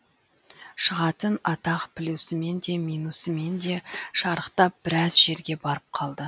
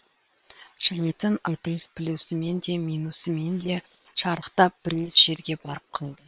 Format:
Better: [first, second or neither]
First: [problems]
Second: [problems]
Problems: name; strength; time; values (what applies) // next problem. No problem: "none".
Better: first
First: none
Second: noise reduction (neural separator model SepFormer WHAM!)